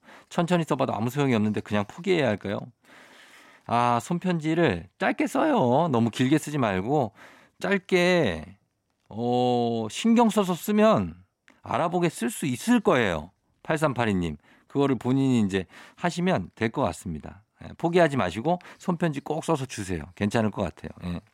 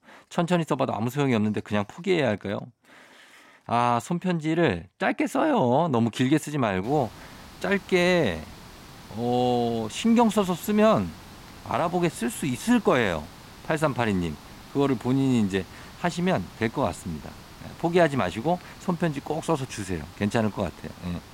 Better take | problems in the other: first | hiss; noticeable; from 7 s on; 20 dB below the speech

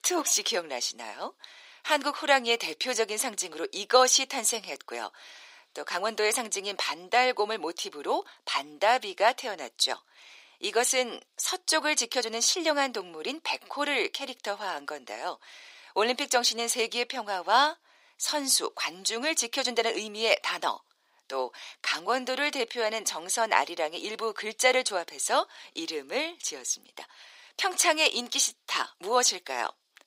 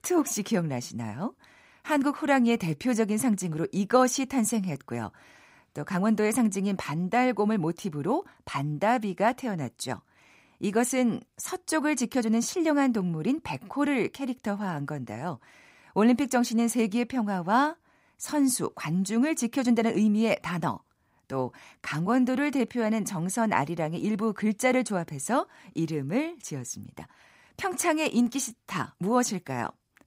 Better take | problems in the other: second | thin; very; fading below 400 Hz

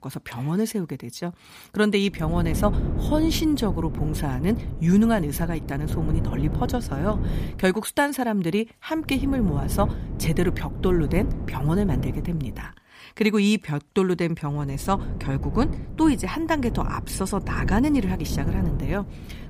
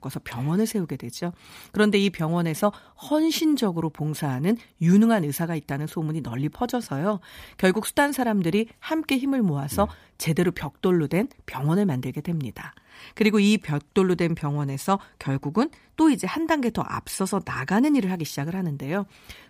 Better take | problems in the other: second | wind noise on the microphone; occasional gusts; from 2 to 7.5 s, from 9 to 13 s and from 15 s on; 10 dB below the speech

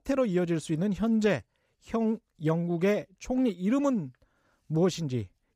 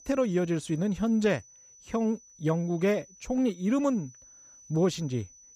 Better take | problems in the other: first | high-pitched whine; faint; throughout; 6 kHz, 25 dB below the speech

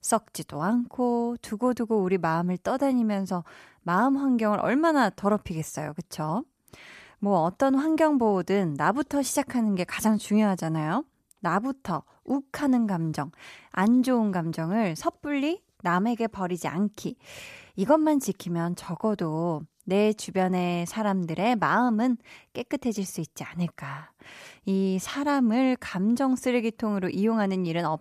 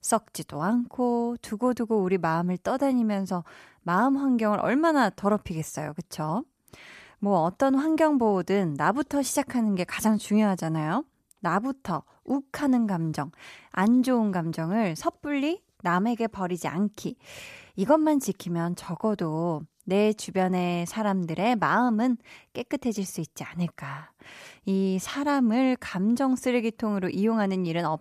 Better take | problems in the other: neither | none

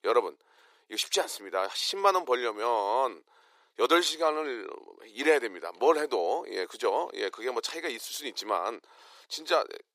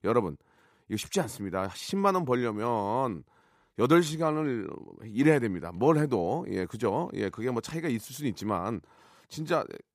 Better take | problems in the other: second | thin; very; fading below 400 Hz

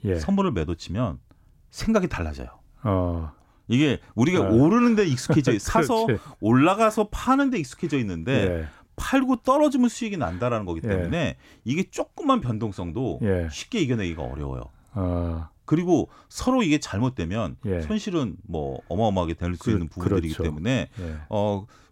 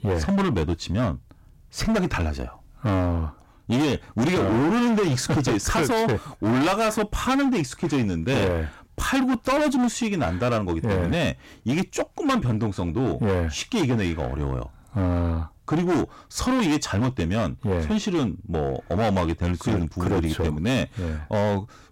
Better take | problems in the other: first | distortion; heavy; 19% of the sound clipped

